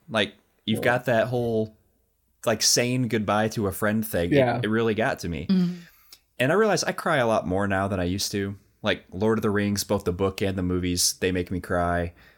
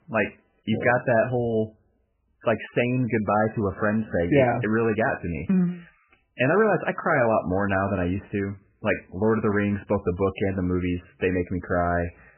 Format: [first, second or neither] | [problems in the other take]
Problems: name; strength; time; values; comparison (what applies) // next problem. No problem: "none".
first | garbled, watery; badly; nothing above 3 kHz